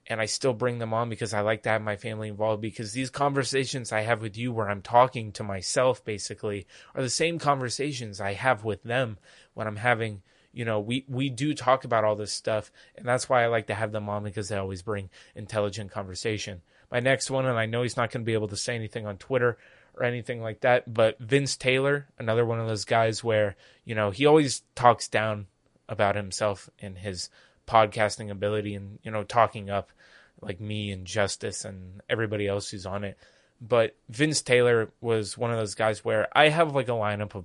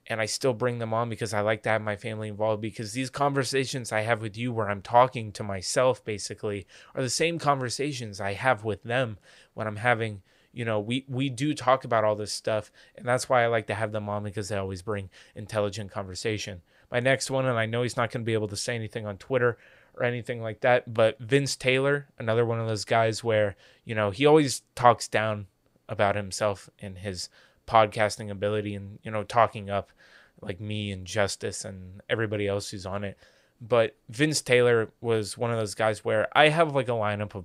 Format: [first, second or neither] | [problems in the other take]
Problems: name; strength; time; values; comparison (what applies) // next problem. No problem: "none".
second | garbled, watery; slightly; nothing above 10.5 kHz